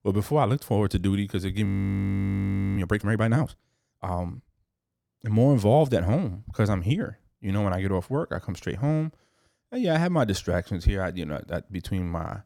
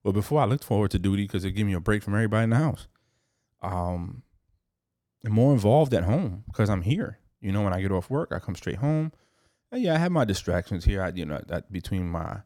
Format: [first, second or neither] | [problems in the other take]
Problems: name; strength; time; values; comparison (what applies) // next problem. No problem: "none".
second | audio freezing; at 1.5 s for 1 s